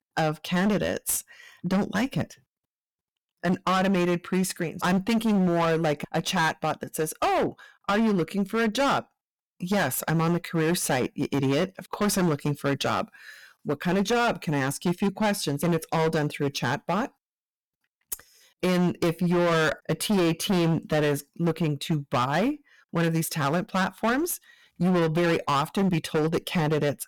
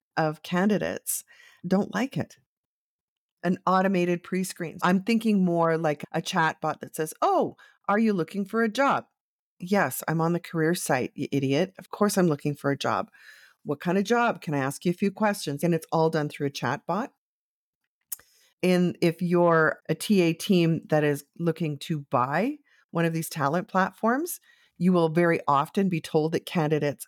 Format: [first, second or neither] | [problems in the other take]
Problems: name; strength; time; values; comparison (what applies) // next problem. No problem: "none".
second | distortion; heavy; 18% of the sound clipped